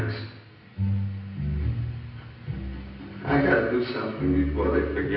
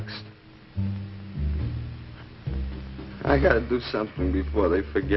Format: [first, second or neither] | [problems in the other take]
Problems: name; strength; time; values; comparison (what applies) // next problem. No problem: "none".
second | room echo; dies away in 0.9 s